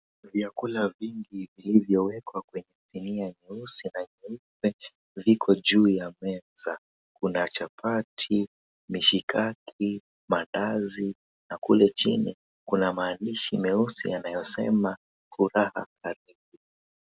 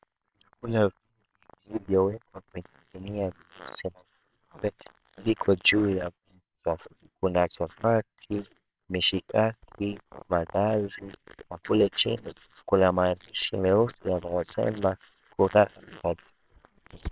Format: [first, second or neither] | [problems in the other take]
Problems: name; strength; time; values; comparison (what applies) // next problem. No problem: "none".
first | noise reduction (neural separator model SepFormer WHAMR!)